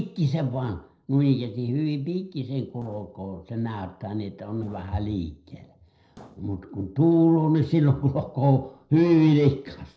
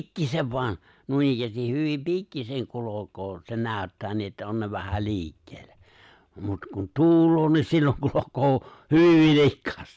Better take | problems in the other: second | noise reduction (neural separator model SepFormer DNS4)

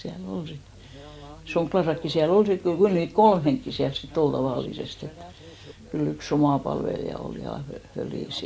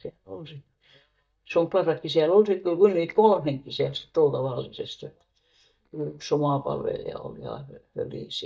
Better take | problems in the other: first | noise reduction (neural mask model DeepFilterNet 3)

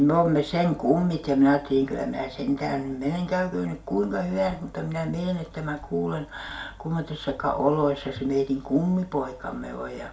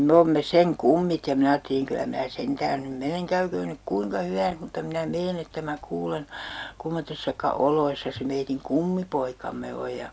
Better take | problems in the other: second | room echo; dies away in 0.4 s

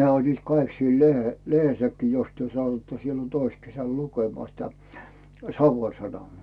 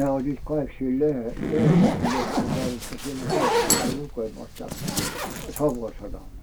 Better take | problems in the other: first | background sound (Zipper (clothing)); 2 dB above the speech

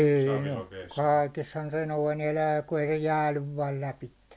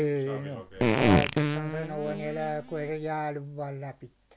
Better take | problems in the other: first | background sound (Fart); 5 dB above the speech

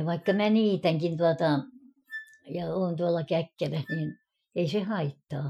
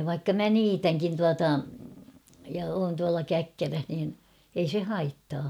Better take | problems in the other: second | noise reduction (classical method Wiener filter)

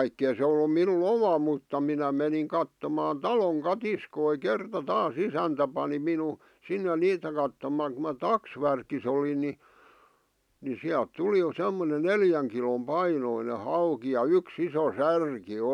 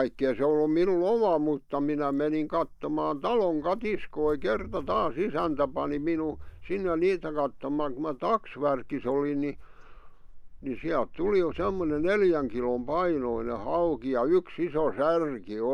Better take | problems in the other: first | noise reduction (neural mask model DeepFilterNet 3)

